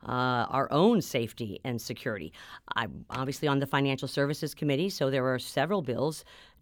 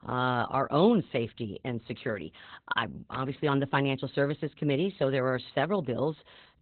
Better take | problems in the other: first | garbled, watery; badly; nothing above 4 kHz

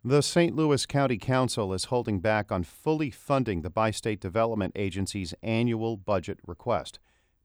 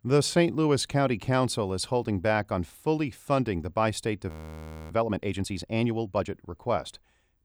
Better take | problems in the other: first | audio freezing; at 4.5 s for 0.5 s

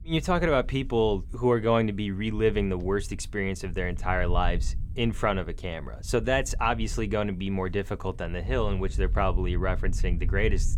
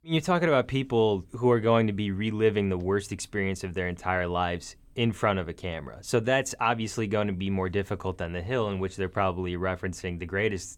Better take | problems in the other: second | low rumble; faint; throughout; 25 dB below the speech

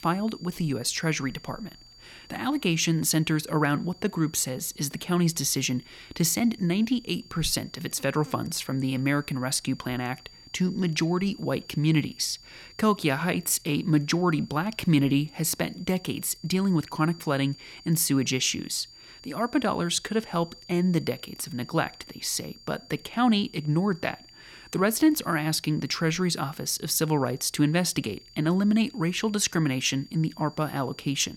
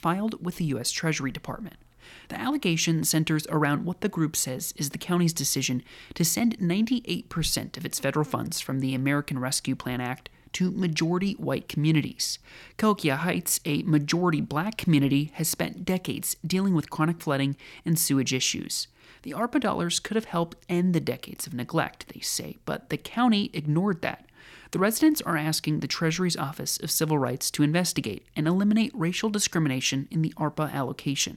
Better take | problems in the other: second | high-pitched whine; faint; throughout; 4.5 kHz, 20 dB below the speech

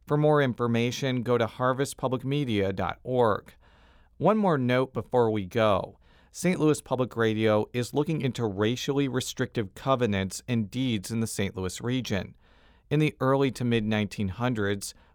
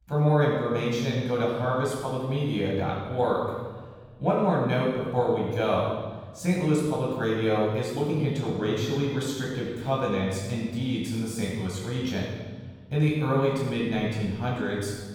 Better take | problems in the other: first | off-mic speech; far // room echo; strong; dies away in 1.3 s

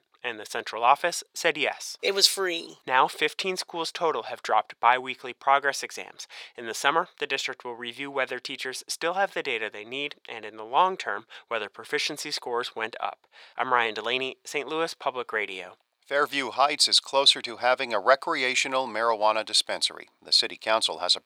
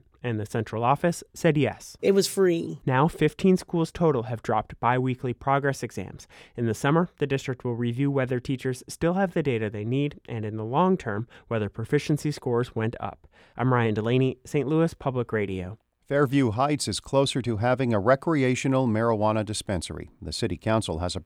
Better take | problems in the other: second | thin; very; fading below 800 Hz

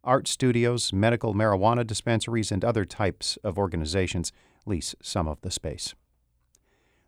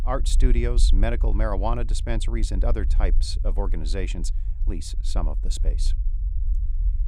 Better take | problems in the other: first | low rumble; noticeable; throughout; 15 dB below the speech

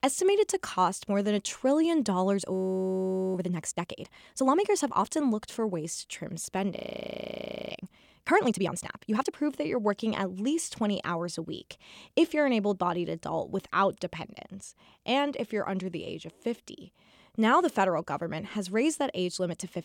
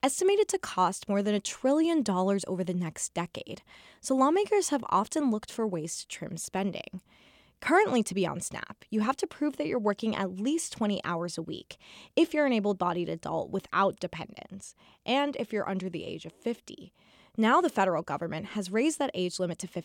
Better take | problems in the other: second | audio freezing; at 2.5 s for 1 s and at 7 s for 1 s

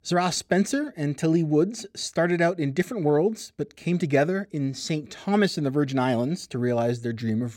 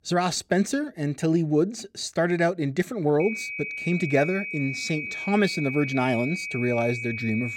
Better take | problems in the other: first | high-pitched whine; loud; from 3 s on; 2.5 kHz, 6 dB below the speech

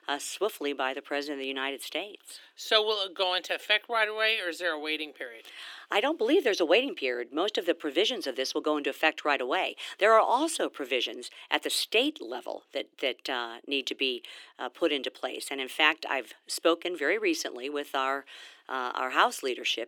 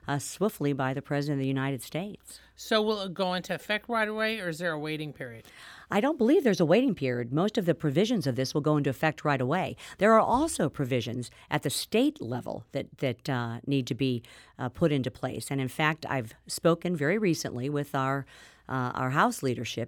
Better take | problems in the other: second | thin; somewhat; fading below 300 Hz

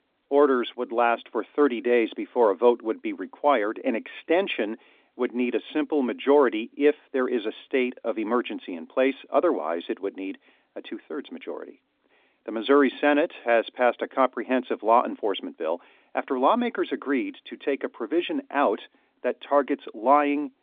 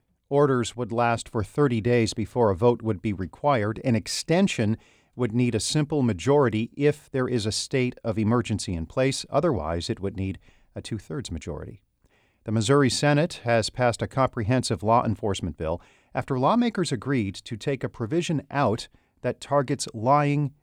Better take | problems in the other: second | phone-call audio

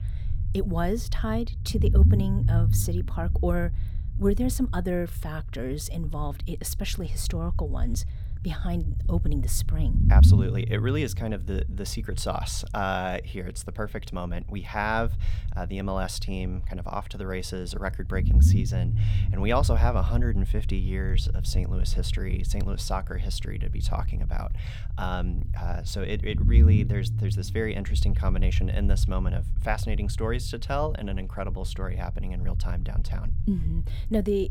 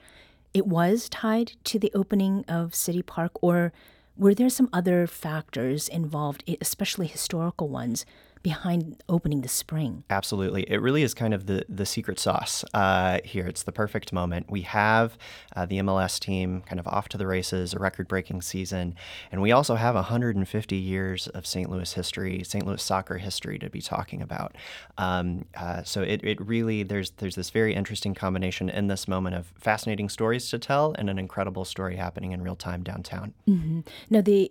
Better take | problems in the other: second | low rumble; loud; throughout; 10 dB below the speech

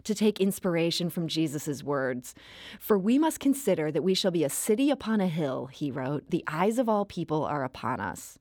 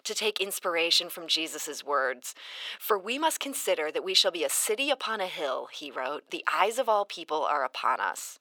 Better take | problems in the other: first | thin; very; fading below 550 Hz

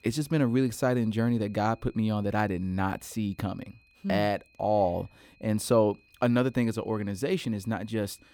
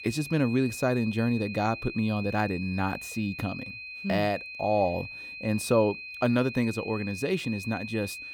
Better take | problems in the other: first | high-pitched whine; loud; throughout; 2.5 kHz, 10 dB below the speech; faint in the first

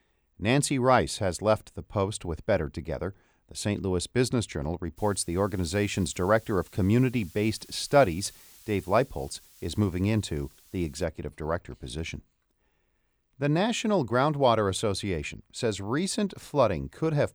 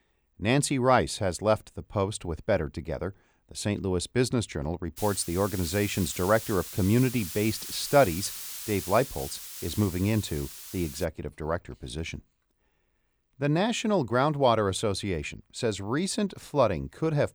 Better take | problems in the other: first | hiss; loud; from 5 to 11 s; 9 dB below the speech; faint in the first

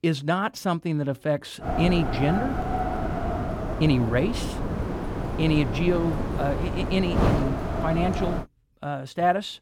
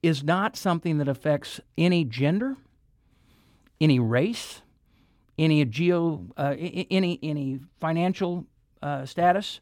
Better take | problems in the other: second | wind noise on the microphone; heavy; from 1.5 to 8.5 s; 3 dB below the speech

